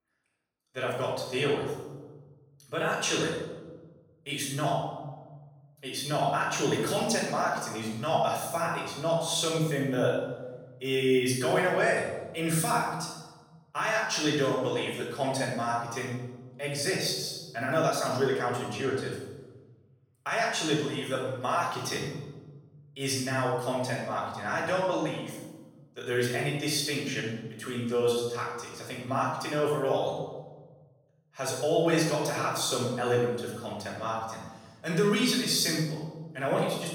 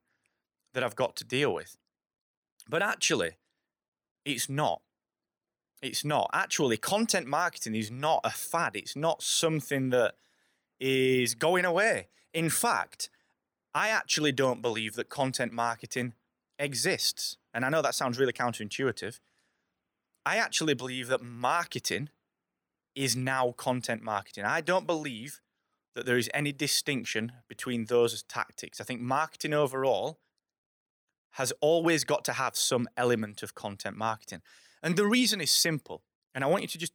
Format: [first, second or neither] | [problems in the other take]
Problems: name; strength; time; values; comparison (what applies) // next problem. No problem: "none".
second | off-mic speech; far // room echo; noticeable; dies away in 1.2 s